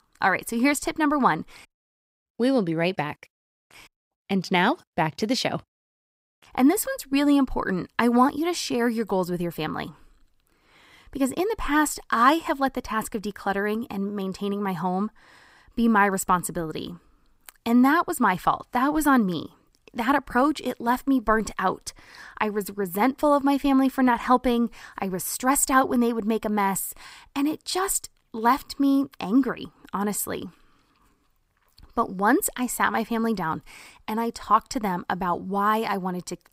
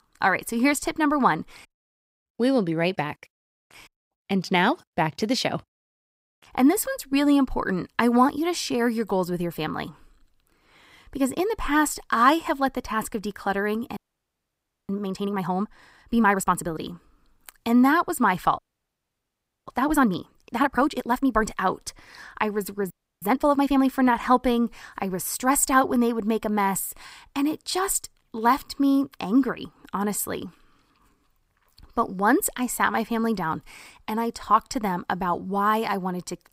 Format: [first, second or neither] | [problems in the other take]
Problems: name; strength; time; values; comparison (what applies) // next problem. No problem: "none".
first | audio freezing; at 14 s for 1 s, at 19 s for 1 s and at 23 s